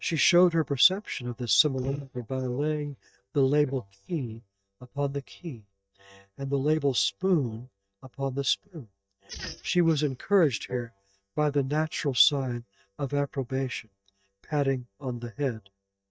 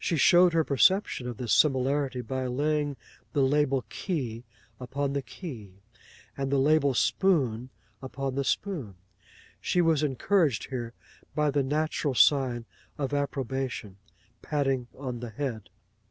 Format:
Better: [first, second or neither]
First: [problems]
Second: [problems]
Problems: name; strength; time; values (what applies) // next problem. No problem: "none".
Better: second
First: noise reduction (neural mask model DeepFilterNet 3)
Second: none